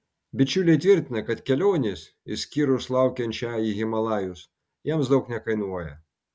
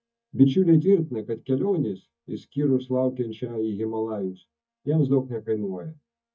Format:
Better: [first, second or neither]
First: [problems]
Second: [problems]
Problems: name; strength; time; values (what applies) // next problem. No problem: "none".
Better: first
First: none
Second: noise reduction (neural mask model DeepFilterNet 3)